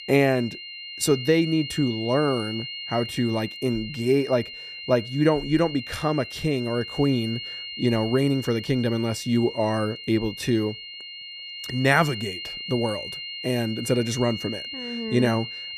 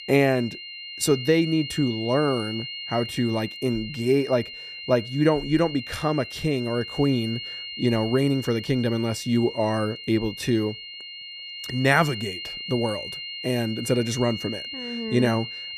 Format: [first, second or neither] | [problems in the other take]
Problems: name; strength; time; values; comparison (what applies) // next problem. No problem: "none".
neither | high-pitched whine; loud; throughout; 3 kHz, 9 dB below the speech; the same in both